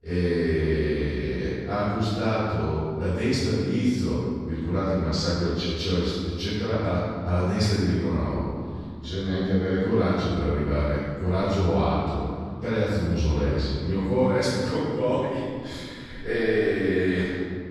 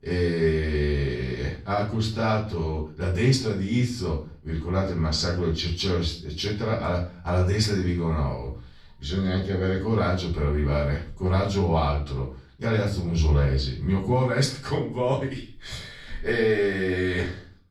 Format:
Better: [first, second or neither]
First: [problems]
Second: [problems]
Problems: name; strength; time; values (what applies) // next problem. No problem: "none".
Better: second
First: room echo; strong; dies away in 2.1 s // off-mic speech; far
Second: room echo; slight; dies away in 0.4 s // off-mic speech; far